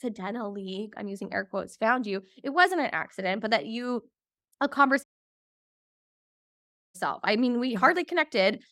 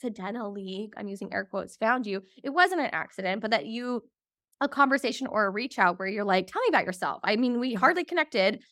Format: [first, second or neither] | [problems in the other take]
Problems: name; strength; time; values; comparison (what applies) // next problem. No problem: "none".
second | audio cutting out; at 5 s for 2 s